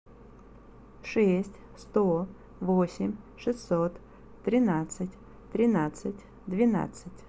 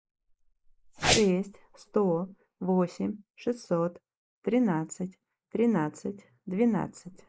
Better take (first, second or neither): first